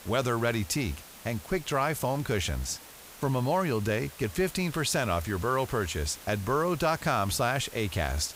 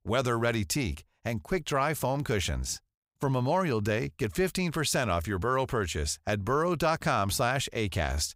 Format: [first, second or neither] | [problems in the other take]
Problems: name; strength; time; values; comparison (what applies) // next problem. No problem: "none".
second | hiss; noticeable; throughout; 15 dB below the speech